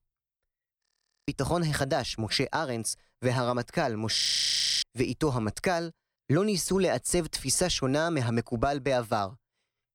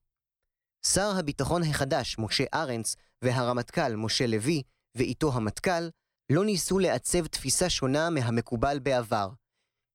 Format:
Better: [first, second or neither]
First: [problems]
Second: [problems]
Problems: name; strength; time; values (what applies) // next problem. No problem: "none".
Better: second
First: audio freezing; at 1 s and at 4 s for 0.5 s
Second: none